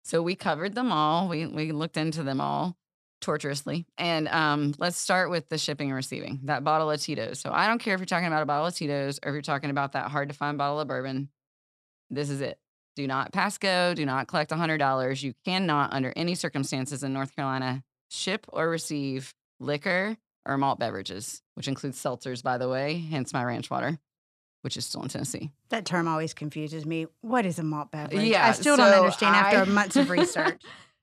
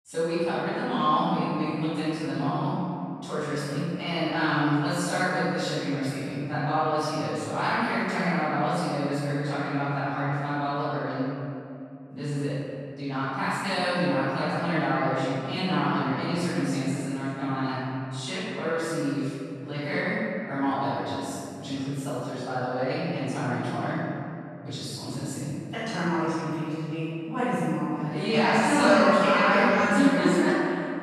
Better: first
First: none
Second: off-mic speech; far // room echo; strong; dies away in 2.4 s

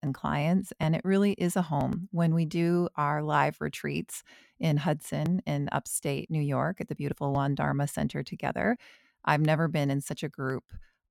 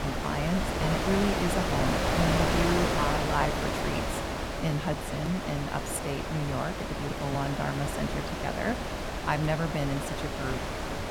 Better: first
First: none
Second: wind noise on the microphone; heavy; 3 dB above the speech

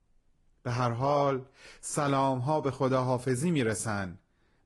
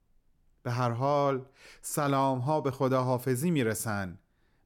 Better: second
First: garbled, watery; slightly; nothing above 11 kHz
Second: none

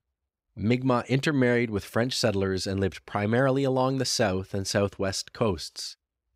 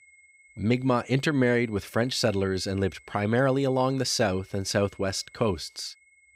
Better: first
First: none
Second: high-pitched whine; faint; throughout; 2 kHz, 30 dB below the speech

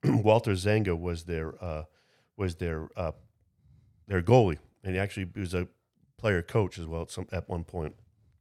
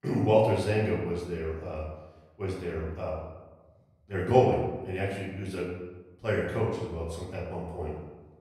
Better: first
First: none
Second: room echo; noticeable; dies away in 0.9 s // off-mic speech; far

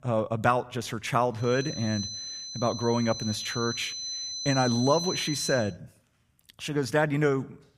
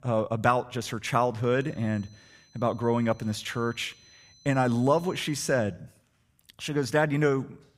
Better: second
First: high-pitched whine; loud; from 1.5 to 5.5 s; 4 kHz, 6 dB below the speech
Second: high-pitched whine; faint; from 1.5 to 5.5 s; 4 kHz, 30 dB below the speech

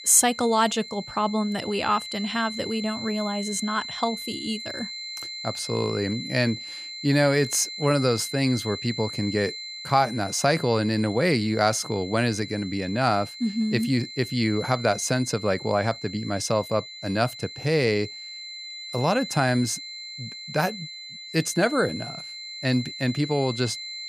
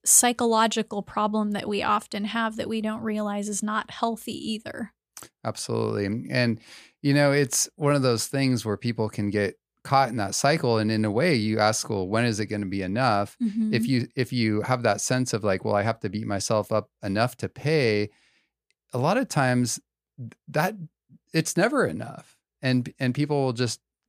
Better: second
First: high-pitched whine; loud; throughout; 4 kHz, 10 dB below the speech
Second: none

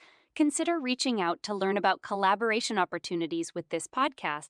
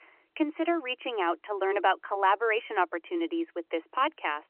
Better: first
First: none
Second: phone-call audio; nothing above 3 kHz

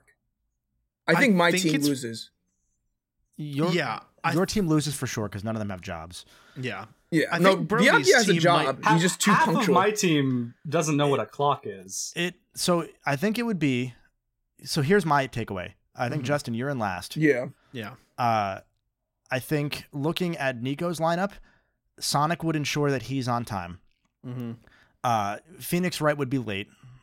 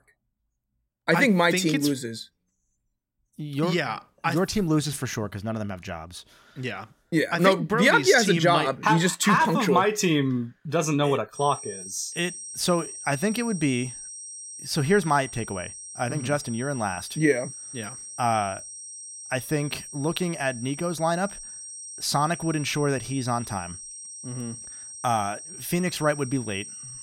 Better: first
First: none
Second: high-pitched whine; noticeable; from 11 s on; 8.5 kHz, 10 dB below the speech

